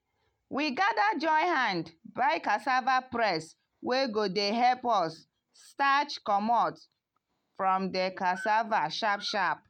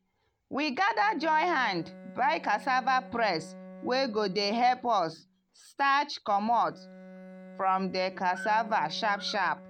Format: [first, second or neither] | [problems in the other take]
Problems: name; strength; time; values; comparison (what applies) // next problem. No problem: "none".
first | background sound (Bowed string instrument); 19 dB below the speech